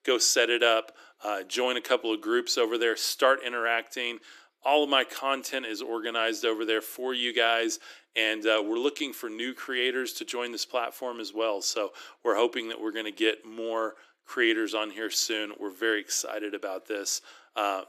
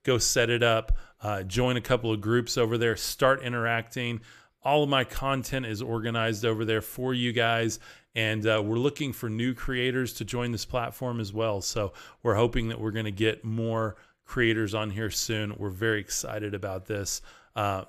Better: second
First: thin; somewhat; fading below 300 Hz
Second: none

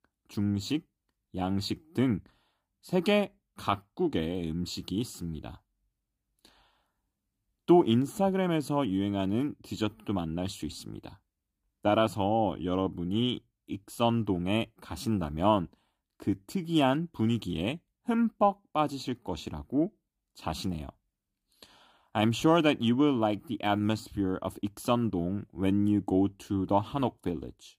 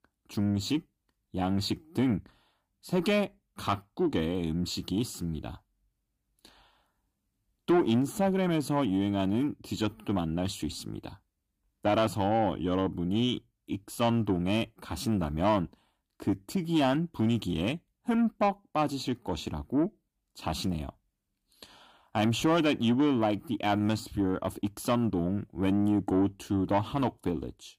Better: first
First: none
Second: distortion; slight; 10 dB below the speech

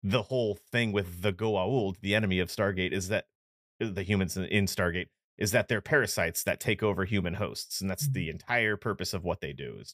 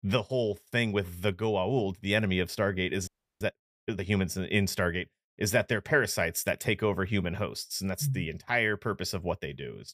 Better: first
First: none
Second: audio freezing; at 3 s

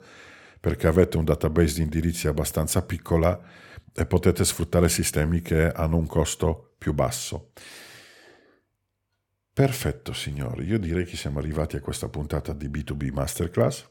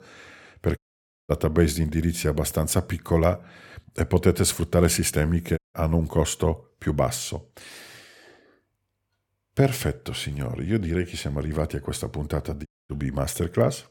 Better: first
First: none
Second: audio cutting out; at 1 s for 0.5 s, at 5.5 s and at 13 s

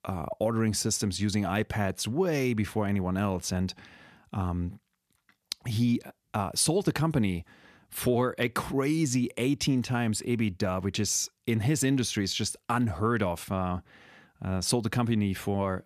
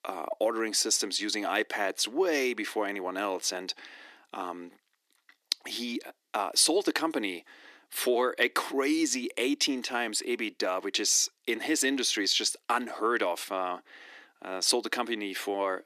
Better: first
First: none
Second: thin; somewhat; fading below 300 Hz

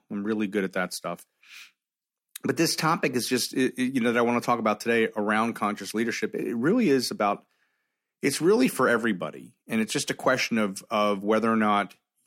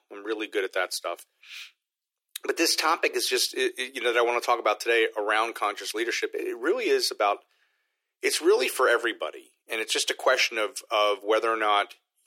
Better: first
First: none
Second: thin; very; fading below 350 Hz

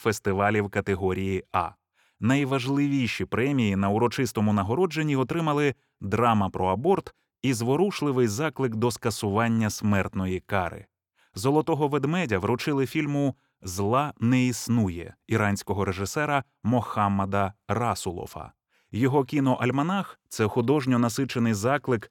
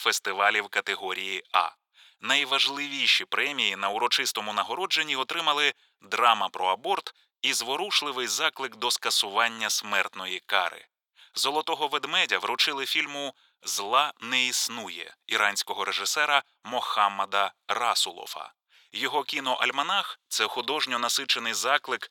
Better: first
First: none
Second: thin; very; fading below 900 Hz

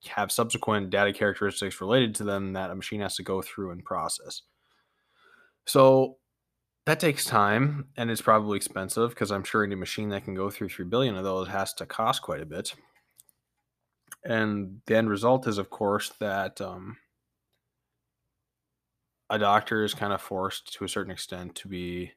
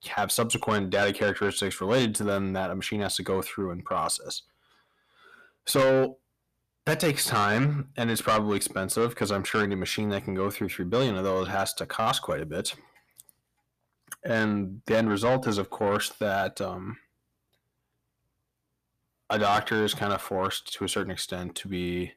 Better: first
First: none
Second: distortion; heavy; 7 dB below the speech

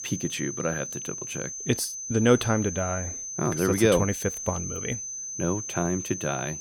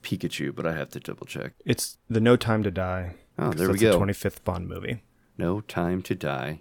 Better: second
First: high-pitched whine; loud; throughout; 6 kHz, 6 dB below the speech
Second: none

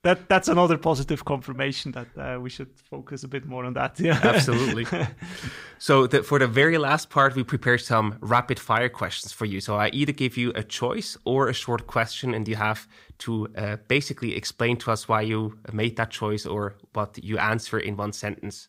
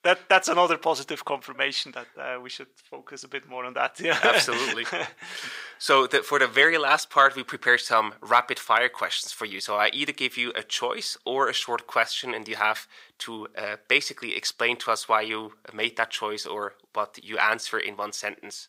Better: first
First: none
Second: thin; very; fading below 550 Hz

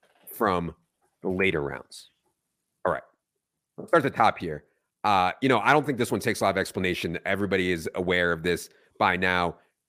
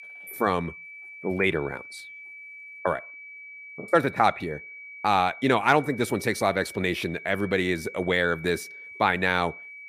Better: first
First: none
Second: high-pitched whine; noticeable; throughout; 2.5 kHz, 15 dB below the speech

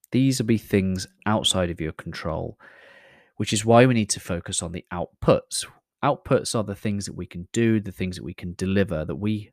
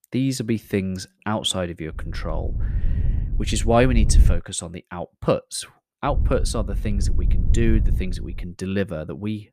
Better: first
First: none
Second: wind noise on the microphone; occasional gusts; from 2 to 4.5 s and from 6 to 8.5 s; 15 dB below the speech

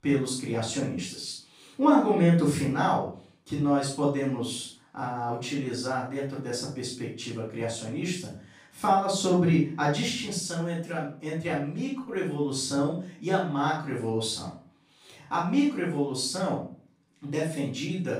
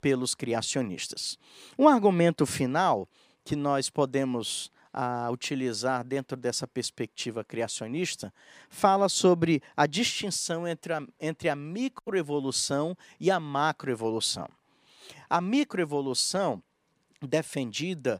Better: second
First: off-mic speech; far // room echo; noticeable; dies away in 0.4 s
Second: none

